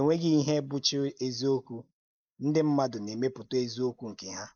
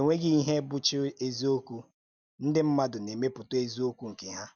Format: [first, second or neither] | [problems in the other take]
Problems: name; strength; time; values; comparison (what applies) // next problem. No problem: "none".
second | noise reduction (neural mask model Resemble Enhance denoiser)